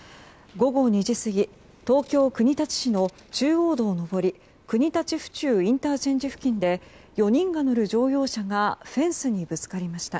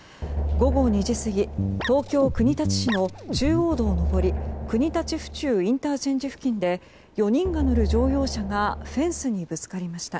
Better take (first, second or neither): first